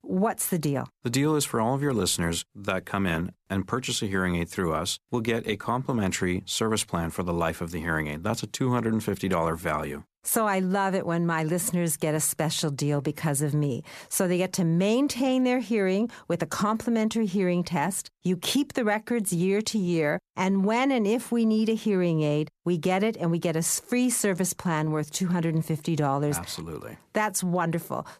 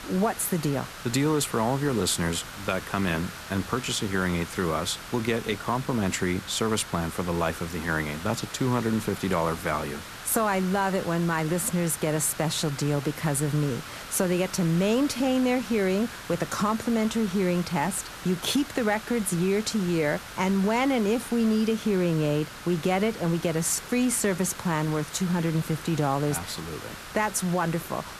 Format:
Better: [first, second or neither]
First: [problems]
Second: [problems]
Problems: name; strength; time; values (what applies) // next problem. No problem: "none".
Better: first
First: none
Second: hiss; noticeable; throughout; 10 dB below the speech